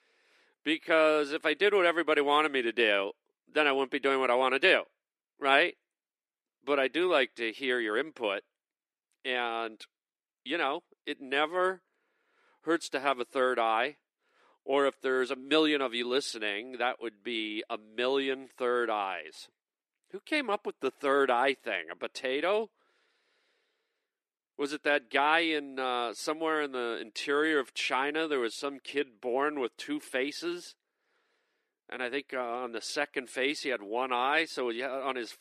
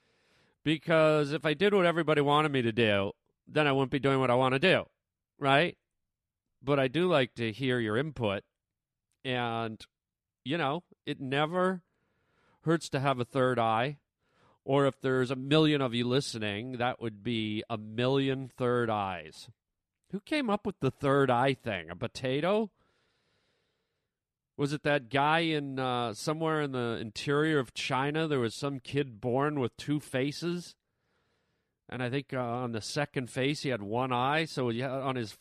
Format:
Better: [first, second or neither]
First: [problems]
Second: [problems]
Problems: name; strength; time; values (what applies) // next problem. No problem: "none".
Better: second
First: thin; somewhat; fading below 350 Hz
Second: none